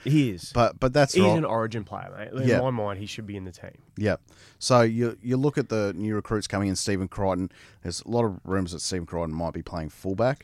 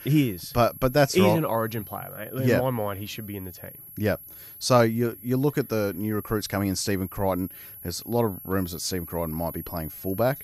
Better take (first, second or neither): first